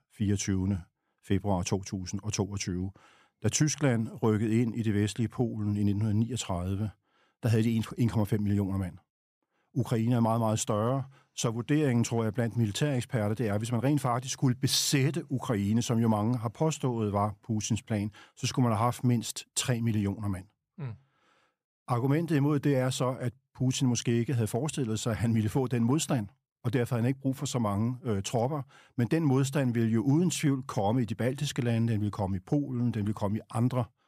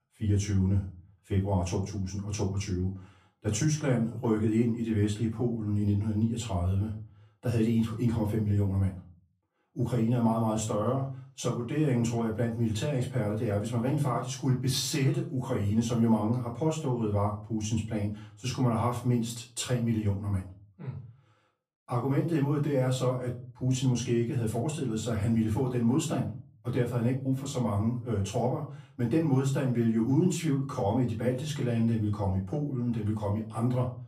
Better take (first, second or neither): first